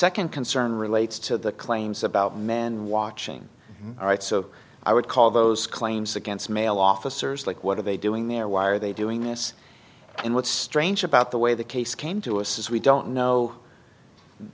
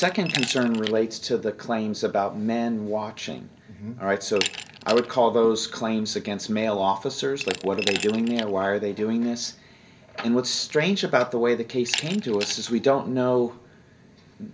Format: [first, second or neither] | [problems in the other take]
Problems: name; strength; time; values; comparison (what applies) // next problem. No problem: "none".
first | background sound (Glass); 13 dB below the speech // room echo; dies away in 0.2 s